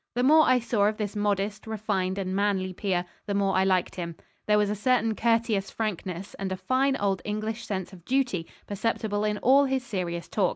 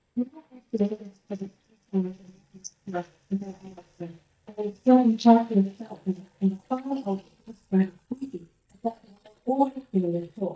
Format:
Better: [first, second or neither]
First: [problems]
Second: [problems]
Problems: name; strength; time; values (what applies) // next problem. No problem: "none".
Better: first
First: none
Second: noise reduction (neural mask model DeepFilterNet 3)